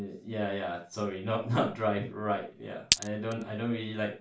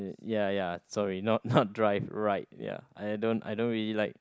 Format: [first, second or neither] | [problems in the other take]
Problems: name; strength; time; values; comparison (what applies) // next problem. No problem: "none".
second | background sound (Glass); as loud as the speech // room echo; dies away in 0.3 s